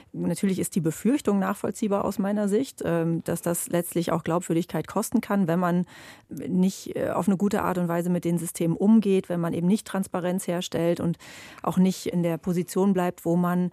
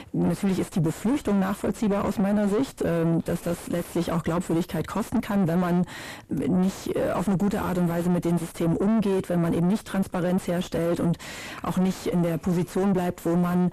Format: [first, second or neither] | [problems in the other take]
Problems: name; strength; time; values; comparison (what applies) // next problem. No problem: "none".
first | distortion; heavy; 6 dB below the speech